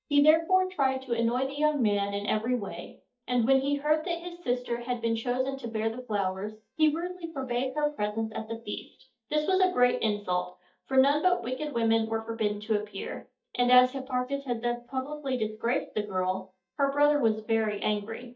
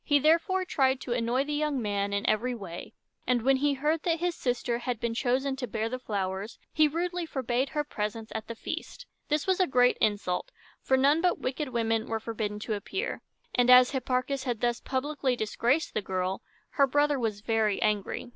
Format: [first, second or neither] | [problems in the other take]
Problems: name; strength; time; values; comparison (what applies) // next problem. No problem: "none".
second | noise reduction (neural mask model DeepFilterNet 3)